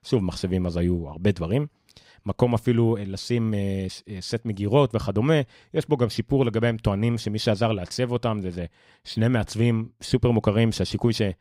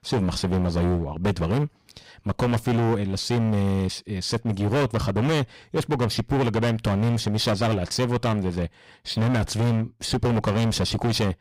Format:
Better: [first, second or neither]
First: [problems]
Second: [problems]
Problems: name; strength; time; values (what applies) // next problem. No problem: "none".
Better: first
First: none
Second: distortion; heavy; 22% of the sound clipped